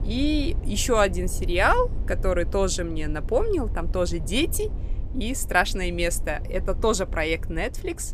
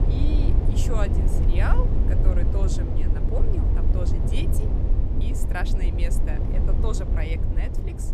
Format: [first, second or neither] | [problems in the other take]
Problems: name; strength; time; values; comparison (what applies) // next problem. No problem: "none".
first | low rumble; loud; throughout; 1 dB below the speech; faint in the first